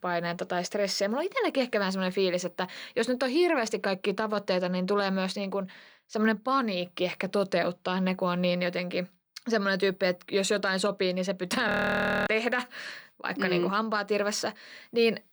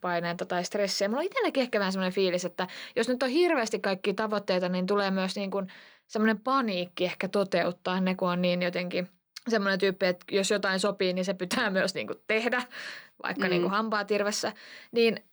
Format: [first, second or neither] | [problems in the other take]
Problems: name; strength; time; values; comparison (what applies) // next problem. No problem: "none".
second | audio freezing; at 12 s for 0.5 s